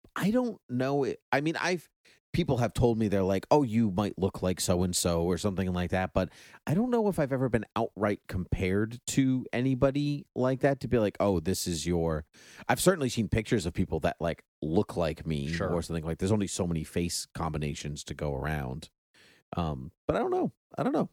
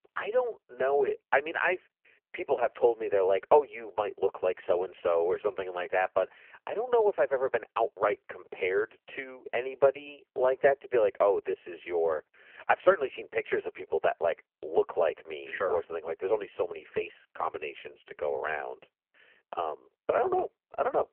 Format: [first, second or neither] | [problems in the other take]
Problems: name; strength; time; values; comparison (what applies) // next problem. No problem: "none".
first | phone-call audio; poor line